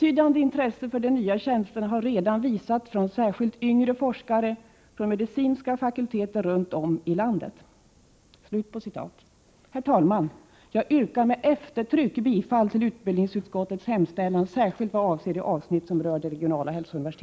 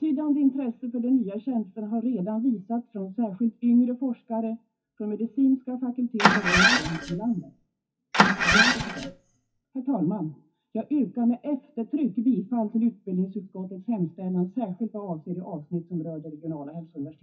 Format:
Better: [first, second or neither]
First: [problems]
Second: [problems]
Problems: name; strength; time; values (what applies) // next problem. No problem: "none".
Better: first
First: none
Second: noise reduction (classical method WPE with log-MMSE)